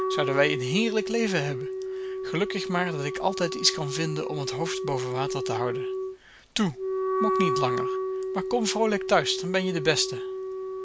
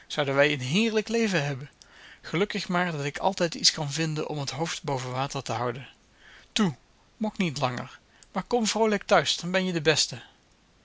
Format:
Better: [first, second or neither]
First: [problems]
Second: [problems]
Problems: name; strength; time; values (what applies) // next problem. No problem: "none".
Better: second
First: background sound (Wind instrument, woodwind instrument); 2 dB below the speech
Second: none